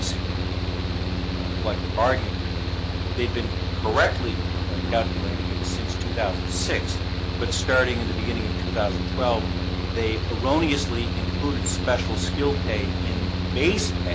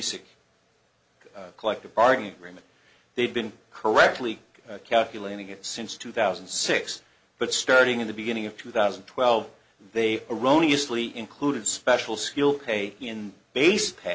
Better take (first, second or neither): second